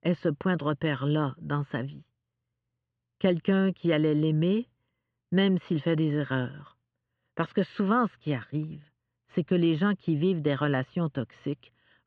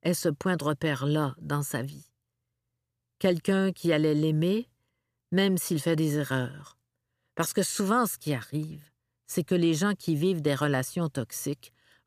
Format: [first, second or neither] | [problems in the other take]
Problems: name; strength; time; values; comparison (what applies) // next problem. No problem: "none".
second | muffled; very; fading above 3 kHz